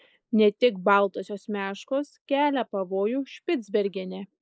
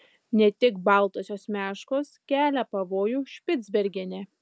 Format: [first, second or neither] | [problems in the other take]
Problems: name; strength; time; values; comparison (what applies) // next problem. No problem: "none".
second | noise reduction (neural mask model Resemble Enhance denoiser)